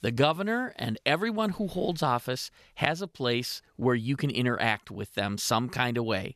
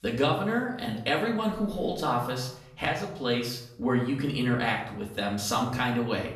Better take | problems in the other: first | room echo; slight; dies away in 0.6 s // off-mic speech; far

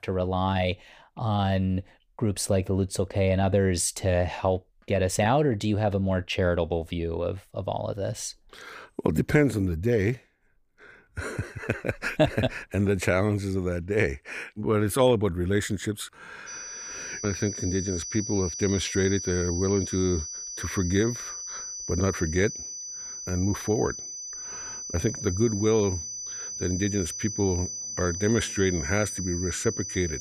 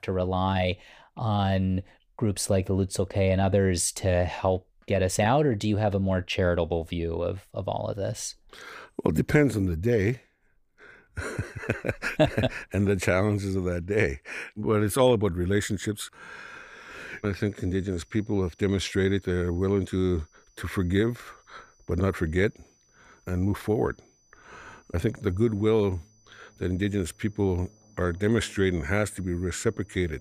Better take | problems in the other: second | high-pitched whine; loud; from 16 s on; 6 kHz, 6 dB below the speech; faint in the second

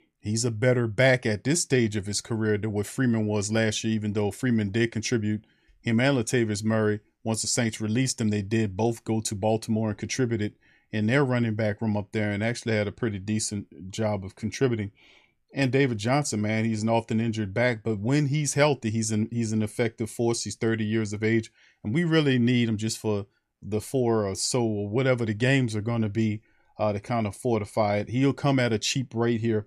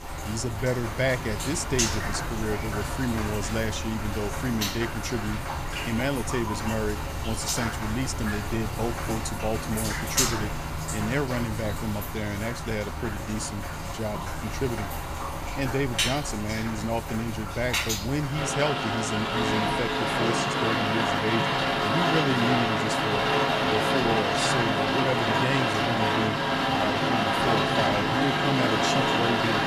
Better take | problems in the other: first | rain or running water; very loud; throughout; 3 dB above the speech

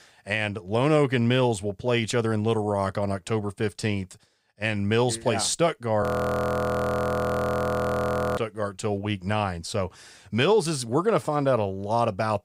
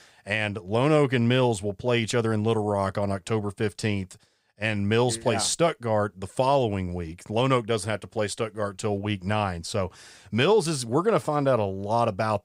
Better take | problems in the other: second | audio freezing; at 6 s for 2.5 s

